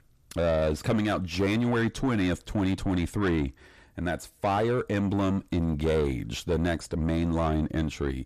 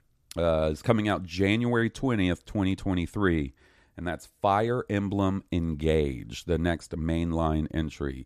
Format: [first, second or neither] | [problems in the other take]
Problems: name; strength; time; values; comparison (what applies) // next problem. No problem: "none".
second | distortion; heavy; 7 dB below the speech